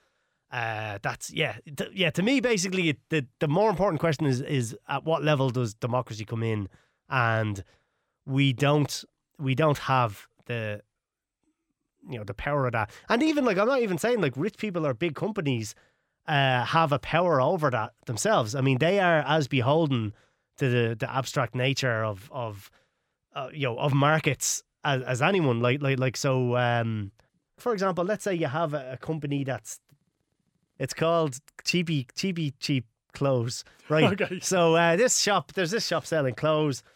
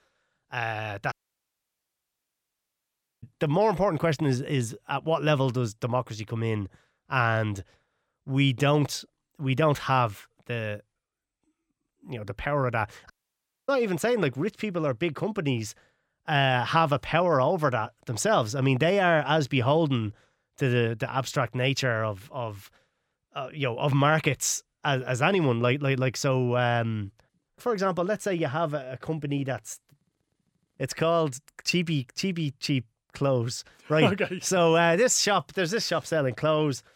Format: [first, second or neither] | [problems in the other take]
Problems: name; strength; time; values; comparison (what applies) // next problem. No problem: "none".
first | audio cutting out; at 1 s for 2 s and at 13 s for 0.5 s